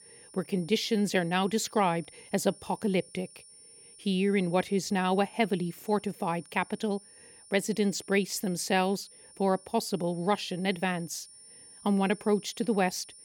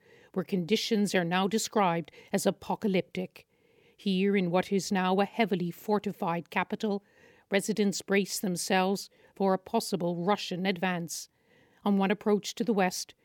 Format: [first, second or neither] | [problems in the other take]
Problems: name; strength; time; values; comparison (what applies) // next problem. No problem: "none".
second | high-pitched whine; faint; throughout; 9 kHz, 20 dB below the speech